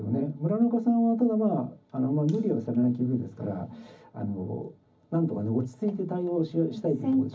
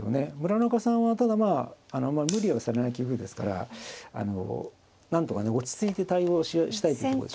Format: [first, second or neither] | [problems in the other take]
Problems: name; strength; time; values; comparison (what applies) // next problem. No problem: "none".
second | room echo; dies away in 0.4 s